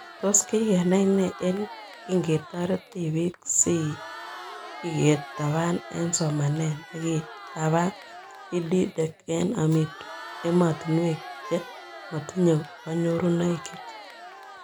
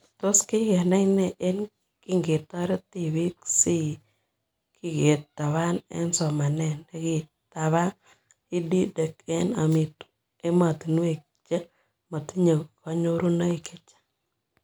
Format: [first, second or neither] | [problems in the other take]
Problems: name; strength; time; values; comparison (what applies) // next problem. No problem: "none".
second | background sound (Crowd); 15 dB below the speech